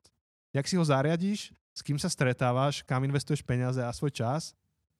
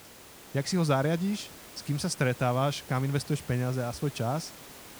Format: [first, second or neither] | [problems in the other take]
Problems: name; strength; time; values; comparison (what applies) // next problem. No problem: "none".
first | hiss; noticeable; throughout; 15 dB below the speech